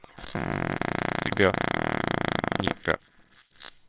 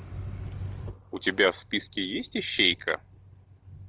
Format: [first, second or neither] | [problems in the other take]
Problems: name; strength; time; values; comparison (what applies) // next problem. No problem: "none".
second | noise reduction (neural separator model SepFormer WHAMR!)